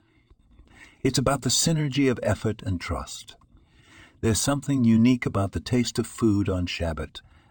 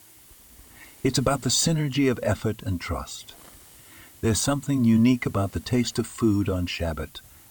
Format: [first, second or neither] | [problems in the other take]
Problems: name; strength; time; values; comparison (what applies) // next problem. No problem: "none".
first | hiss; faint; throughout; 25 dB below the speech